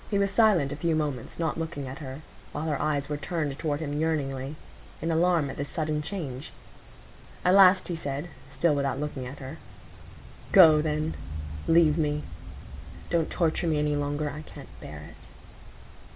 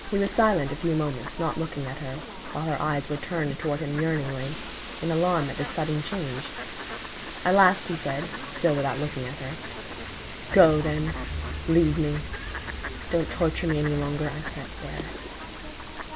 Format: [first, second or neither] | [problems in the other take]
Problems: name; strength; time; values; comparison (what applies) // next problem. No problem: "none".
first | background sound (Fowl); 11 dB below the speech